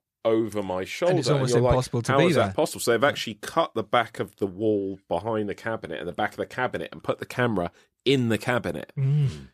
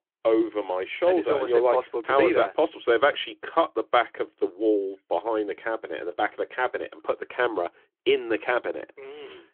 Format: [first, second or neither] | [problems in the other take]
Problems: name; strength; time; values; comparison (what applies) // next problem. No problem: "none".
first | phone-call audio